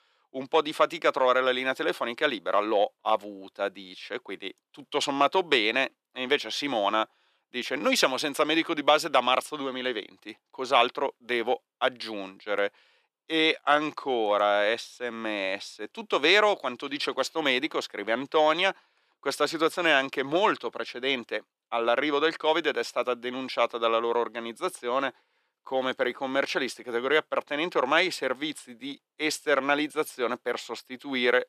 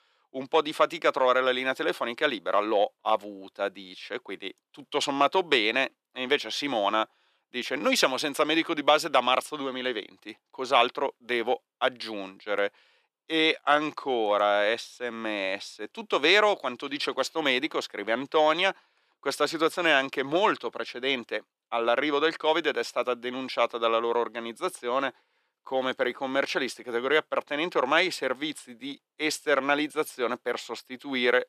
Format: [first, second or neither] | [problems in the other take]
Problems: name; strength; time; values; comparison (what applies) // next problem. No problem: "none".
neither | thin; somewhat; fading below 350 Hz; the same in both